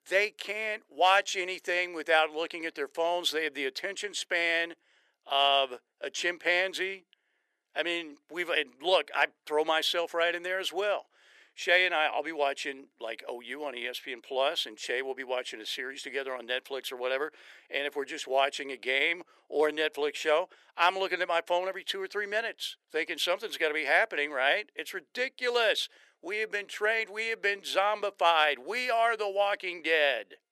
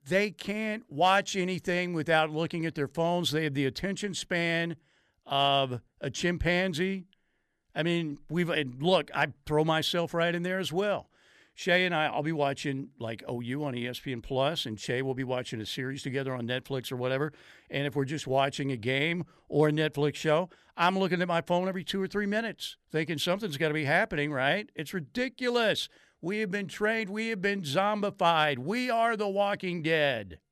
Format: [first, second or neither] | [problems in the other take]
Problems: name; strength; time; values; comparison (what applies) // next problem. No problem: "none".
second | thin; very; fading below 400 Hz